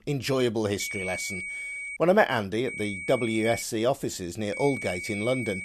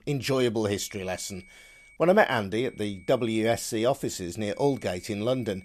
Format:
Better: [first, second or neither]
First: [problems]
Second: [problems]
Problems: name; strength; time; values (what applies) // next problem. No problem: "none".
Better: second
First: high-pitched whine; loud; from 1 to 2 s, at 2.5 s and from 4.5 s on; 2.5 kHz, 7 dB below the speech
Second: high-pitched whine; faint; from 1 to 2 s, at 2.5 s and from 4.5 s on; 2.5 kHz, 25 dB below the speech